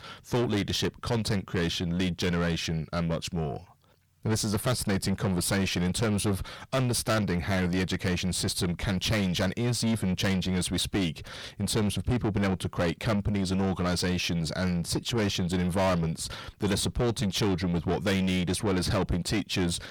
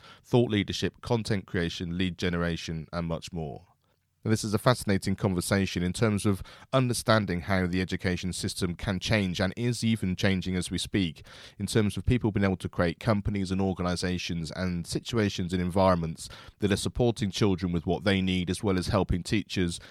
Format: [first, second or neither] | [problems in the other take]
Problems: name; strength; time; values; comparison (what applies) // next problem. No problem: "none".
second | distortion; heavy; 7 dB below the speech